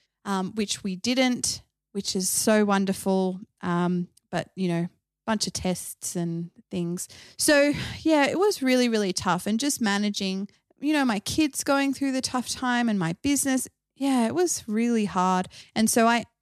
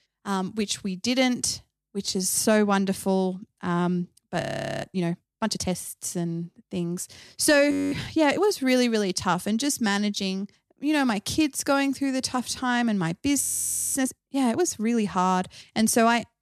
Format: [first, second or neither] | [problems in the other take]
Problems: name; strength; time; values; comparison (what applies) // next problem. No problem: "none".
first | audio freezing; at 4.5 s, at 7.5 s and at 13 s for 0.5 s